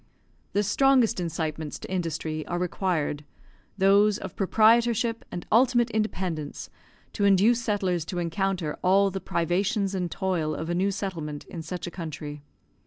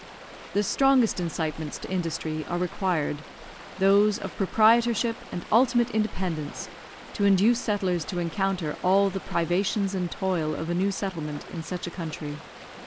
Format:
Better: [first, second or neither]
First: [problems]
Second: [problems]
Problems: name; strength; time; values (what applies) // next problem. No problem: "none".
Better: first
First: none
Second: background sound (Stream); 17 dB below the speech